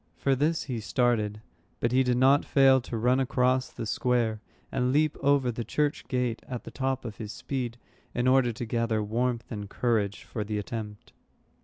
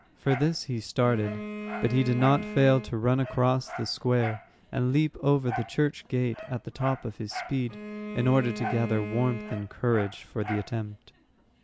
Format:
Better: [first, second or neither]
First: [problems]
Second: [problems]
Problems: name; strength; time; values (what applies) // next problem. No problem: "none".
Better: first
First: none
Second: background sound (Dog + Bowed string instrument); 11 dB below the speech